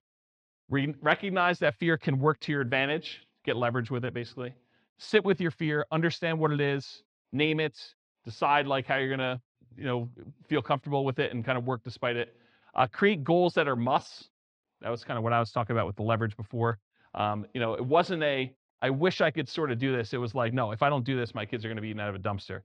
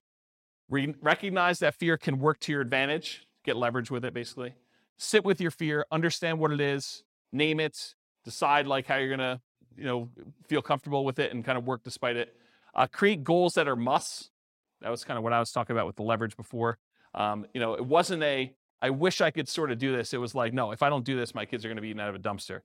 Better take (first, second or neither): second